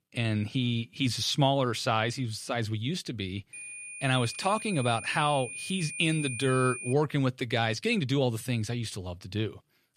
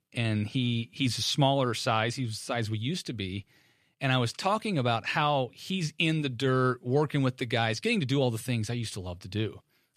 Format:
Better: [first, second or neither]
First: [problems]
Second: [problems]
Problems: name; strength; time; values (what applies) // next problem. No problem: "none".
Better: second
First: high-pitched whine; loud; from 3.5 to 7 s; 2.5 kHz, 9 dB below the speech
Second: none